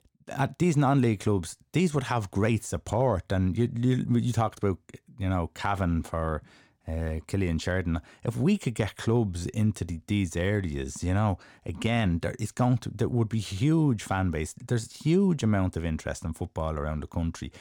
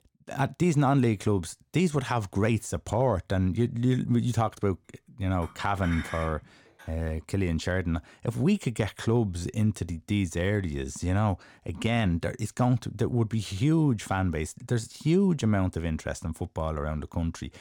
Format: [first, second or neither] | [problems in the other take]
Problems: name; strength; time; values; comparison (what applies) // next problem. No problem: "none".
first | clattering dishes; noticeable; from 5.5 to 7 s; peak 9 dB below the speech